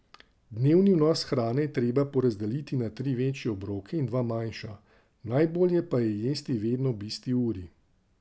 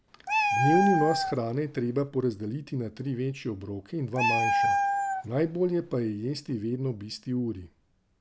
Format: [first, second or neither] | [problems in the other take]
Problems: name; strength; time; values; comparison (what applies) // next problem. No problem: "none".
first | background sound (Meow); as loud as the speech